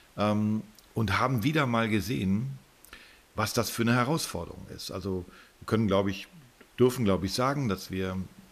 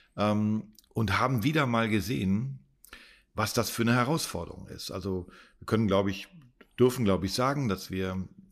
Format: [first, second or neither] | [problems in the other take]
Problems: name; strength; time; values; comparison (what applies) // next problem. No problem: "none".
second | hiss; faint; throughout; 30 dB below the speech